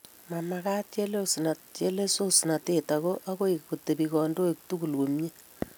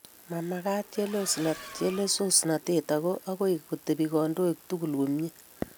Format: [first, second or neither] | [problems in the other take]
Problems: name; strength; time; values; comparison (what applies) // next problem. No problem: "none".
first | background sound (Accelerating, revving, vroom); 16 dB below the speech